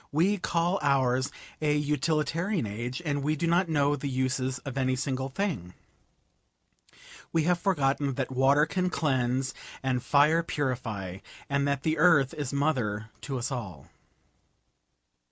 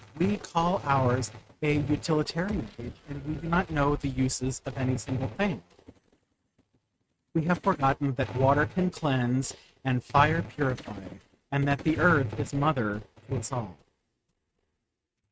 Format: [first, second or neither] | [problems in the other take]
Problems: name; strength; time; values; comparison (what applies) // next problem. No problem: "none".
first | noise reduction (neural mask model RNNoise)